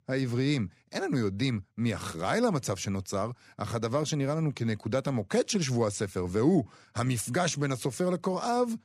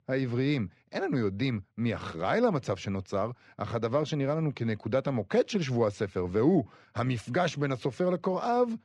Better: first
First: none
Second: muffled; slightly; fading above 3 kHz

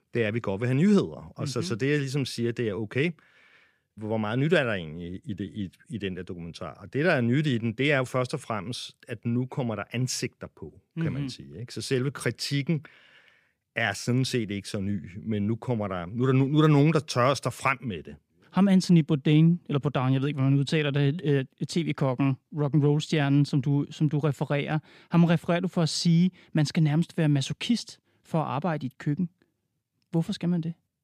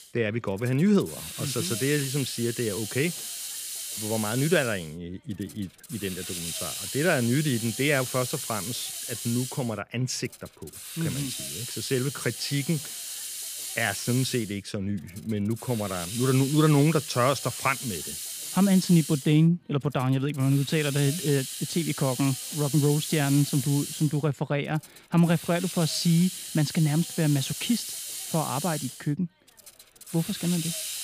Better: first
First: none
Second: hiss; loud; throughout; 7 dB below the speech

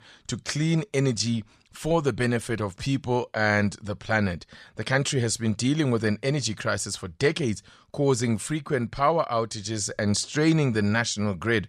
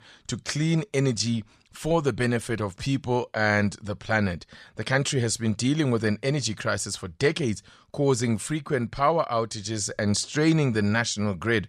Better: neither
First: none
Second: none

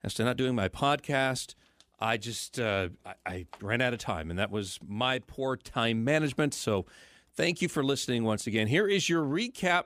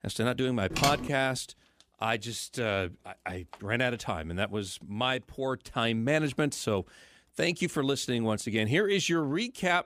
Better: first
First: none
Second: keyboard typing; loud; at 0.5 s; peak level with the speech

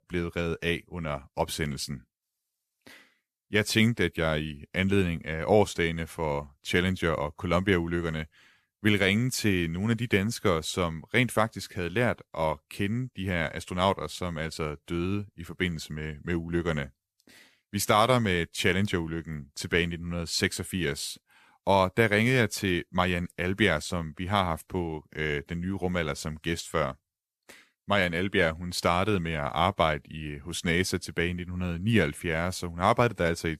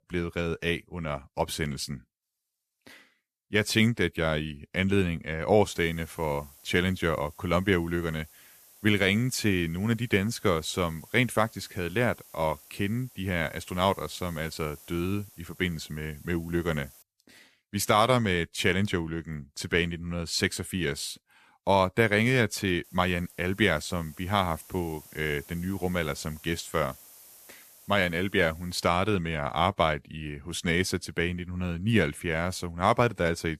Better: first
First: none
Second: hiss; faint; from 5.5 to 17 s and from 23 to 29 s; 25 dB below the speech

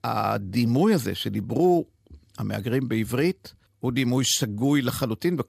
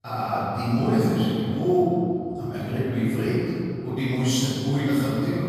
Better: first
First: none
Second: off-mic speech; far // room echo; strong; dies away in 2.6 s

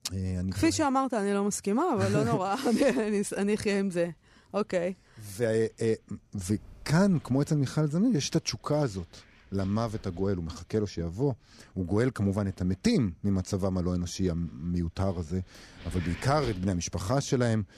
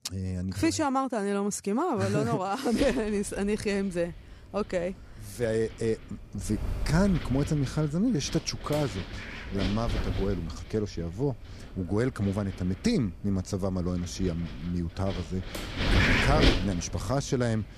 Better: first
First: wind noise on the microphone; occasional gusts; from 2.5 s on; 20 dB below the speech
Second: wind noise on the microphone; heavy; from 2.5 s on; 1 dB below the speech

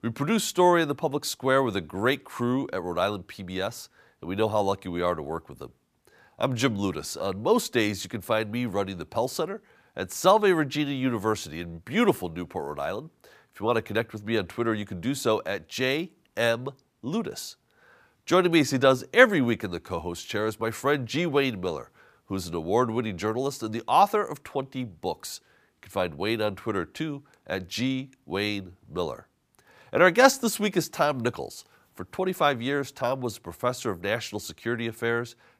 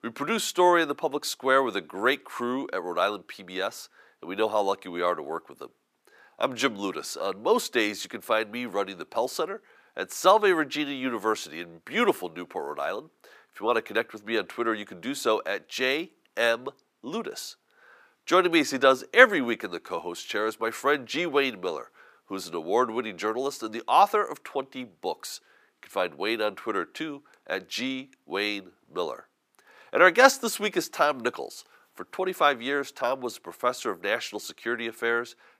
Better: first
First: none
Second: thin; very slightly; fading below 350 Hz

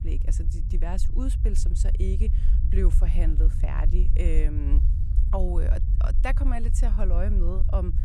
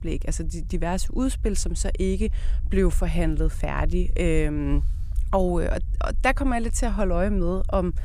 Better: second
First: low rumble; loud; throughout; 8 dB below the speech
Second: low rumble; faint; throughout; 25 dB below the speech

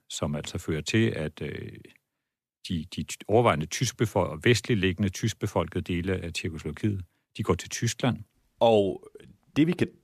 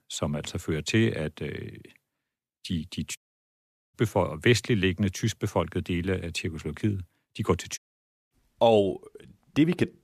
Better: first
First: none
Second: audio cutting out; at 3 s for 1 s and at 8 s for 0.5 s

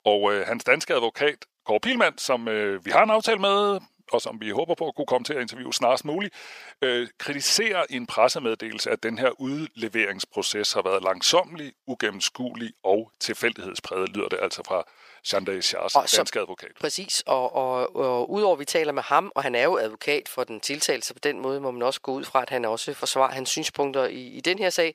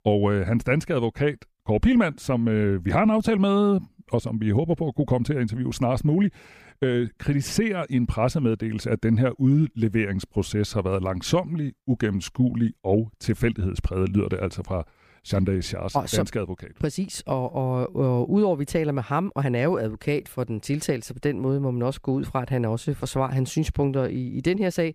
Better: second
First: thin; very; fading below 650 Hz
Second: none

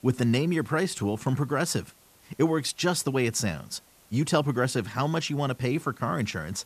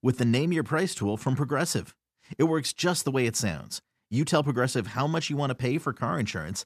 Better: second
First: hiss; faint; throughout; 30 dB below the speech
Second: none

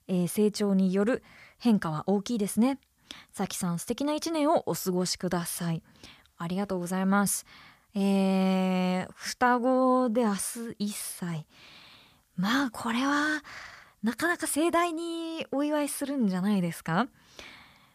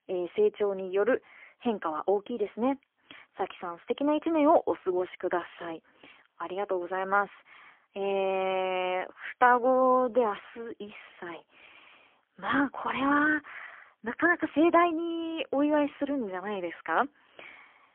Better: first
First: none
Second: phone-call audio; poor line; nothing above 3.5 kHz

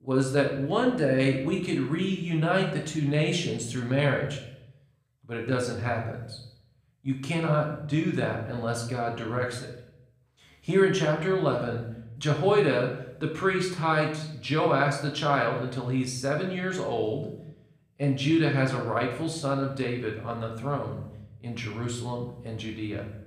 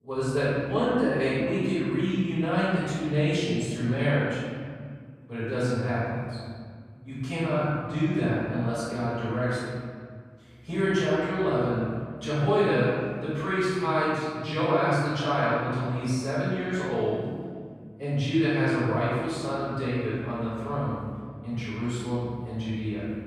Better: first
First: room echo; slight; dies away in 0.7 s // off-mic speech; somewhat distant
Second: room echo; strong; dies away in 2 s // off-mic speech; far

